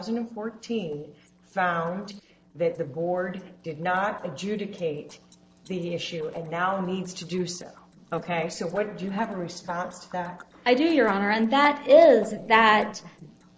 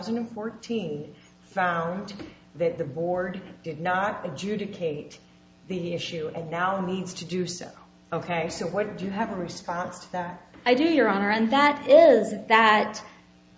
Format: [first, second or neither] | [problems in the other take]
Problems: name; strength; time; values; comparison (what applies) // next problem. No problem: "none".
second | noise reduction (neural separator model SepFormer DNS4)